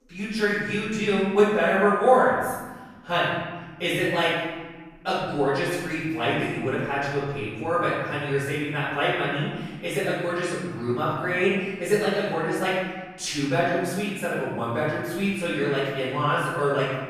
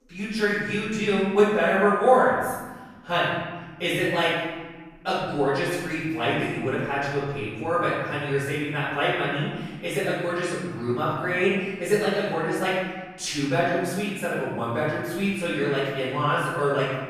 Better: neither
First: off-mic speech; far // room echo; strong; dies away in 1.4 s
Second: off-mic speech; far // room echo; strong; dies away in 1.4 s

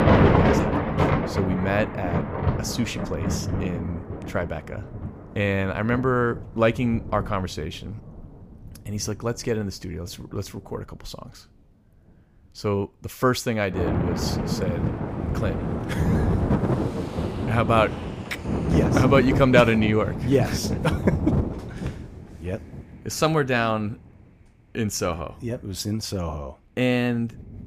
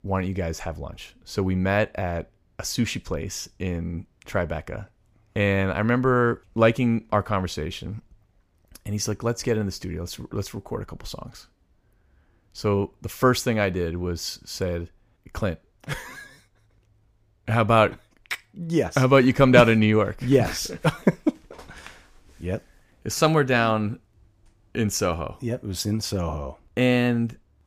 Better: second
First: rain or running water; loud; throughout; as loud as the speech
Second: none

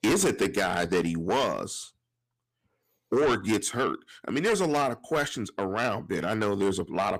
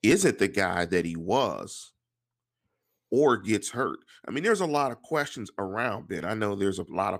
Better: second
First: distortion; heavy; 7 dB below the speech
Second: none

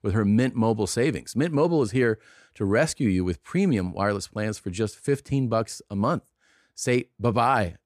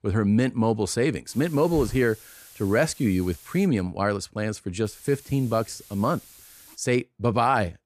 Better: first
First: none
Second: hiss; noticeable; from 1.5 to 3.5 s and from 5 to 7 s; 20 dB below the speech

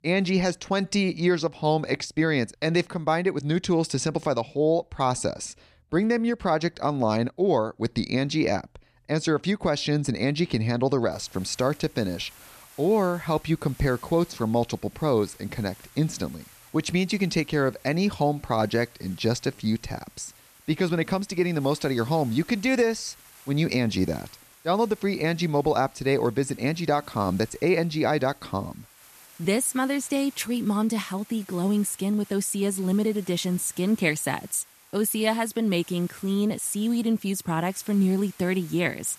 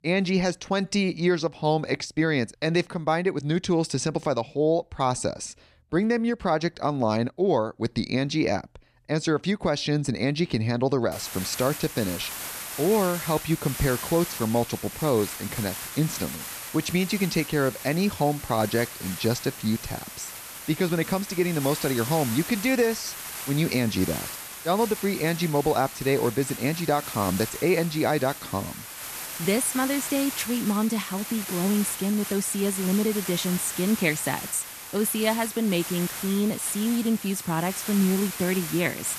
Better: first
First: hiss; faint; from 11 s on; 25 dB below the speech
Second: hiss; loud; from 11 s on; 8 dB below the speech

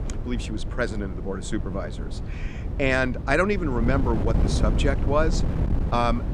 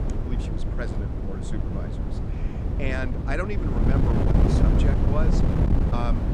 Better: first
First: wind noise on the microphone; occasional gusts; 10 dB below the speech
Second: wind noise on the microphone; heavy; 1 dB above the speech

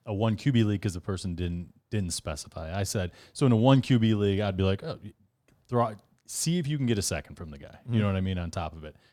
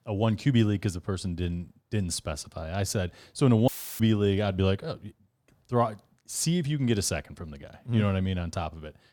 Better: first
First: none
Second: audio cutting out; filled with static; at 3.5 s

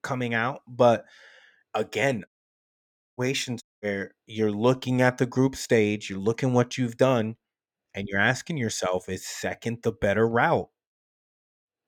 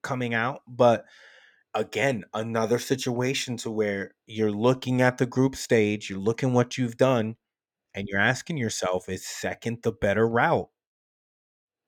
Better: second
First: audio cutting out; at 2.5 s for 1 s and at 3.5 s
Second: none

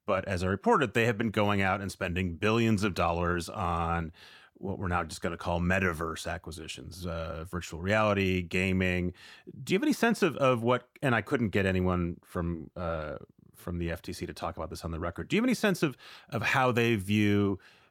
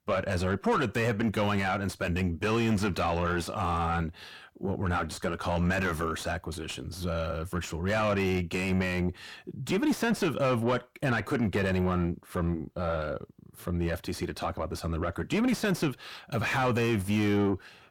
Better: first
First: none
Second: distortion; heavy; 7 dB below the speech

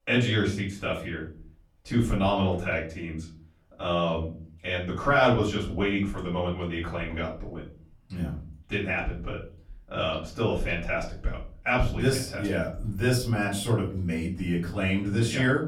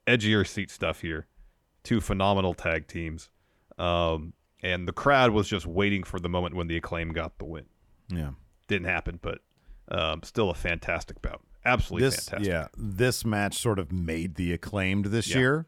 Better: second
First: off-mic speech; far // room echo; slight; dies away in 0.4 s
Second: none

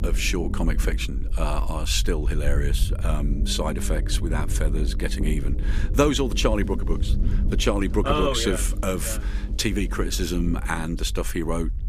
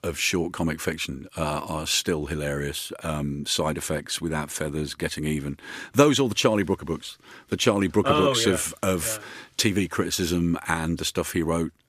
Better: second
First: low rumble; noticeable; throughout; 15 dB below the speech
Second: none

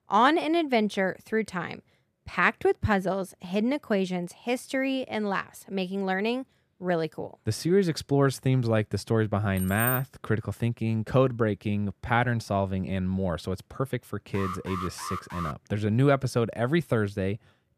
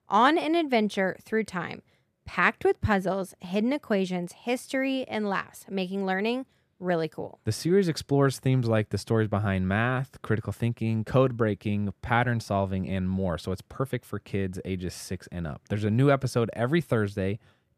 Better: second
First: jangling keys; noticeable; at 9.5 s; peak 2 dB below the speech // alarm; noticeable; from 14 to 16 s; peak 8 dB below the speech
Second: none

